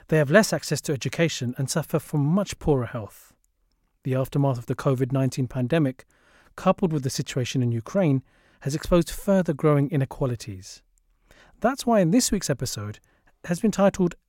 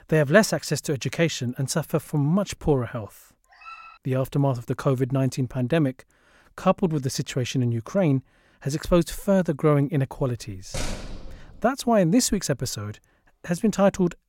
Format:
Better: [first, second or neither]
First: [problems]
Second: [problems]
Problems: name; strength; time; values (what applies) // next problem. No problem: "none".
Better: first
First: none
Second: dog barking; faint; at 3.5 s; peak 20 dB below the speech // door banging; noticeable; from 11 to 12 s; peak 8 dB below the speech